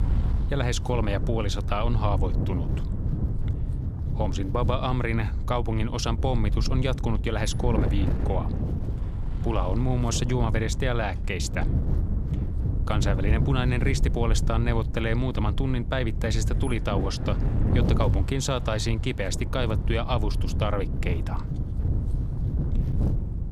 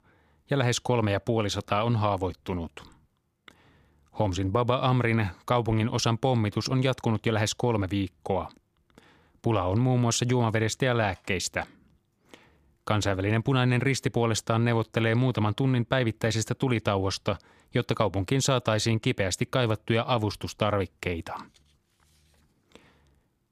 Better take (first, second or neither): second